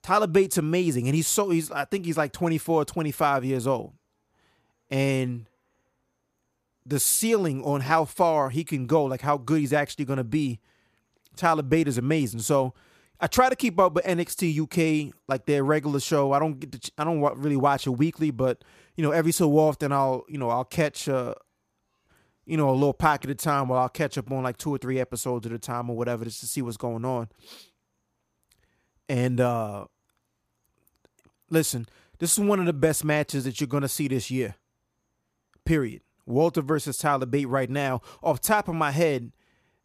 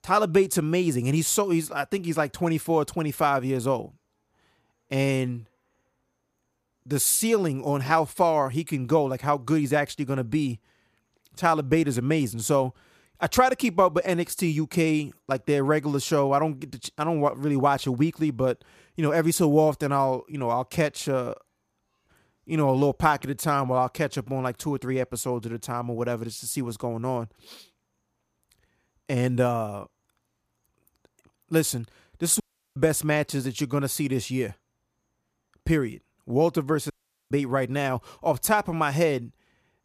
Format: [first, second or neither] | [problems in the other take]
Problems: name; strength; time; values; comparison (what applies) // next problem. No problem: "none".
first | audio cutting out; at 32 s and at 37 s